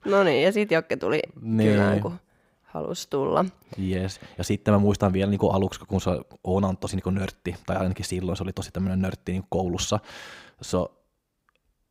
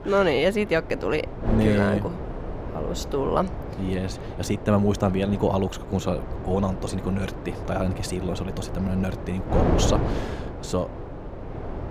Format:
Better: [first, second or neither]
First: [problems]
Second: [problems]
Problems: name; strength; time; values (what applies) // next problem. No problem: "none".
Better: first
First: none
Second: wind noise on the microphone; heavy; 8 dB below the speech